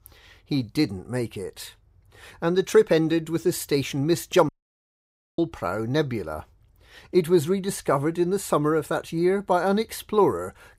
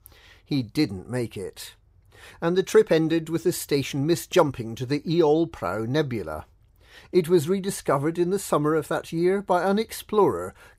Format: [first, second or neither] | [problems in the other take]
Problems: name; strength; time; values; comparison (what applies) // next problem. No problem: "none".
second | audio cutting out; at 4.5 s for 1 s